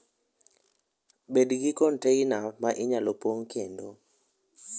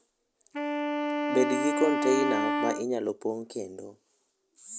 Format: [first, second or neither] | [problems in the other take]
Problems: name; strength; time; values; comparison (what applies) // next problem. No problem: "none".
first | background sound (Wind instrument, woodwind instrument); 1 dB above the speech